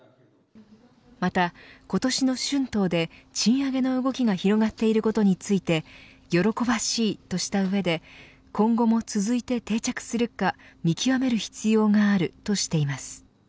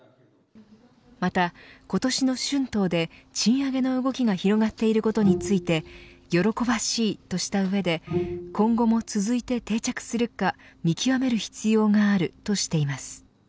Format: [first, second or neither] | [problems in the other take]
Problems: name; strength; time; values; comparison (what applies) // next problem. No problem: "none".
first | background sound (Bowed string instrument); 9 dB below the speech